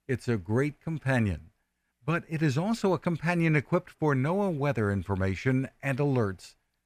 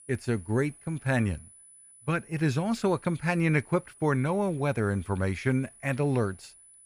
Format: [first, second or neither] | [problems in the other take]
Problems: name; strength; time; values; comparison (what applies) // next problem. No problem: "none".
first | high-pitched whine; faint; throughout; 10 kHz, 25 dB below the speech